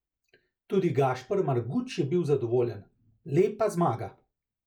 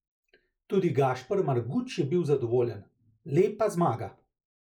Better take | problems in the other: first | noise reduction (neural mask model Resemble Enhance denoiser)

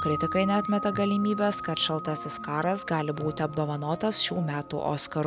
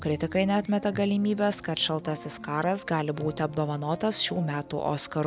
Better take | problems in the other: second | background sound (Wind chime); 10 dB below the speech

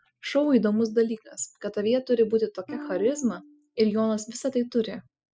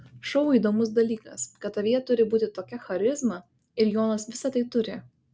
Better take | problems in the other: second | noise reduction (classical method spectral subtraction)

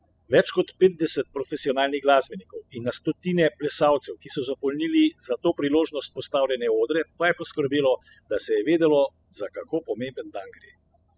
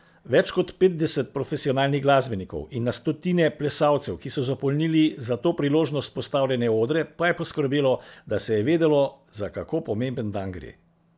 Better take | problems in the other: second | noise reduction (classical method spectral subtraction)

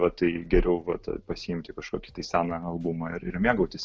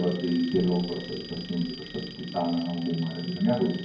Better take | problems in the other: first | background sound (Alarm); 15 dB below the speech // room echo; dies away in 0.9 s

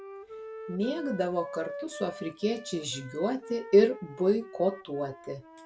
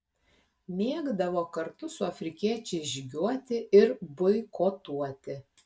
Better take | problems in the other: second | background sound (Wind instrument, woodwind instrument); 15 dB below the speech

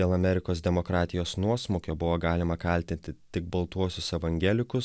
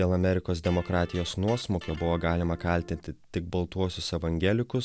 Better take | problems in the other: first | background sound (Electric guitar); 19 dB below the speech

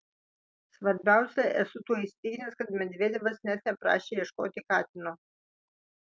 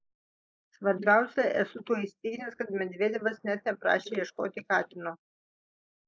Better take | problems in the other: first | noise reduction (neural mask model Resemble Enhance denoiser)

